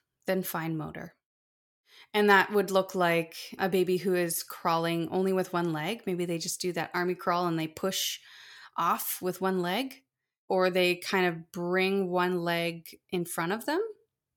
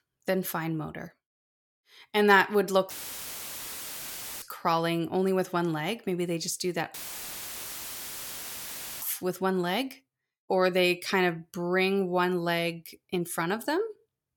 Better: first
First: none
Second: audio cutting out; filled with static; at 3 s for 1.5 s and at 7 s for 2 s

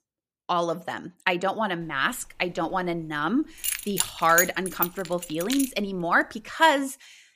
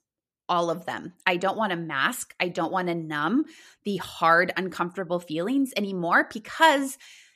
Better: second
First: jangling keys; loud; from 3.5 to 5.5 s; peak level with the speech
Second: none

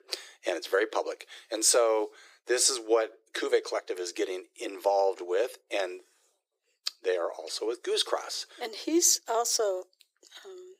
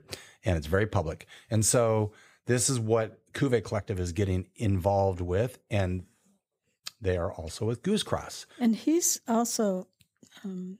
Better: second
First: thin; very; fading below 350 Hz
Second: none

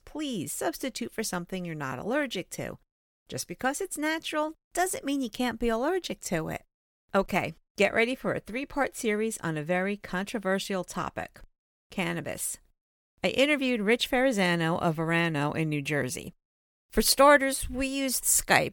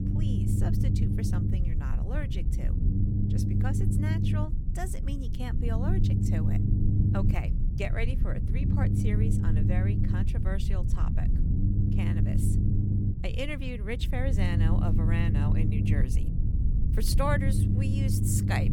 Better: first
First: none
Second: low rumble; loud; throughout; 1 dB below the speech

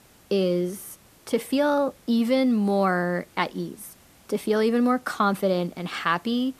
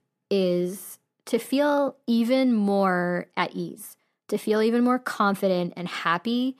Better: second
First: hiss; faint; throughout; 30 dB below the speech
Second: none

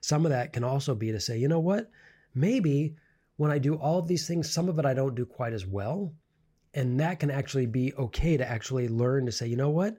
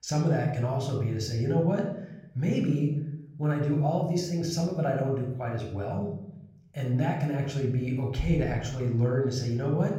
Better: first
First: none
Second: off-mic speech; somewhat distant // room echo; noticeable; dies away in 0.8 s

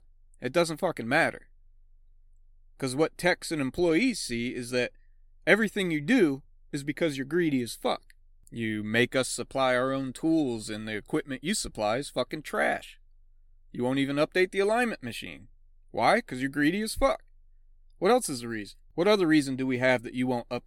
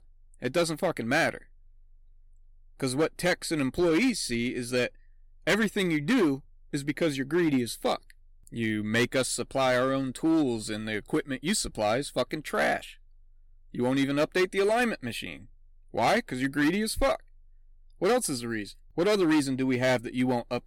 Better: first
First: none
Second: distortion; slight; 6% of the sound clipped

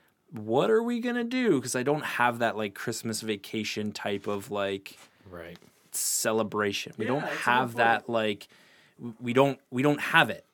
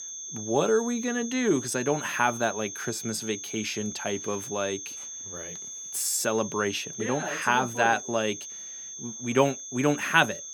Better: first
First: none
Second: high-pitched whine; loud; throughout; 6.5 kHz, 9 dB below the speech

